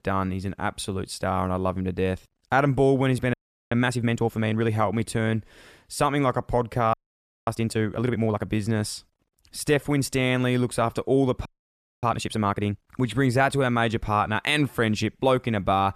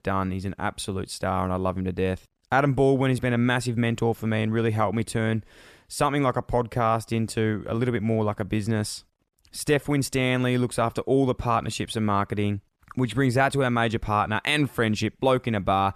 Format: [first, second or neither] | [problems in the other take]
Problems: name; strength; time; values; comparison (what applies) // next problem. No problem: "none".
second | audio freezing; at 3.5 s, at 7 s for 0.5 s and at 11 s for 0.5 s